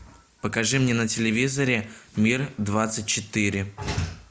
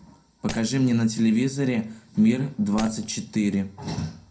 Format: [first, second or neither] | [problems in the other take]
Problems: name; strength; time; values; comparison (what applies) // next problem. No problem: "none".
first | background sound (Shatter); 19 dB below the speech // room echo; dies away in 0.2 s